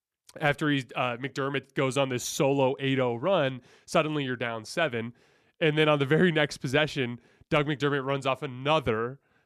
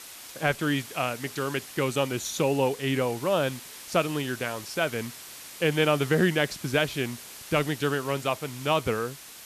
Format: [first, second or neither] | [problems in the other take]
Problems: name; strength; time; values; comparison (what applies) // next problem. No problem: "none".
first | hiss; noticeable; throughout; 15 dB below the speech